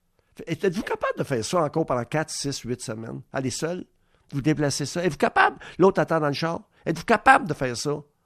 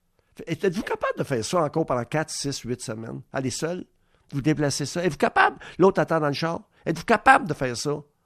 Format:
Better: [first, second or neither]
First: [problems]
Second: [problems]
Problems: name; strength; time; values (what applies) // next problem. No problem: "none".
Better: neither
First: none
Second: none